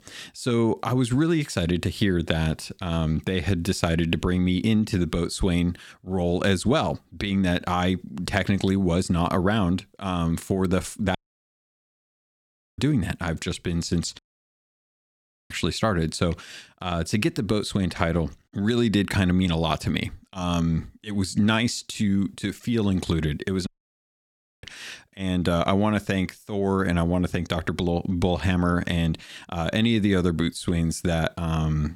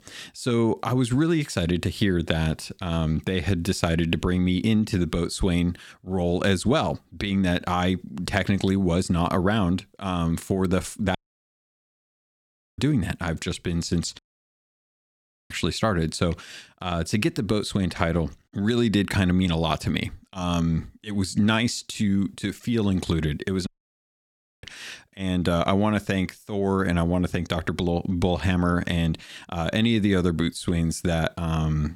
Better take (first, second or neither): neither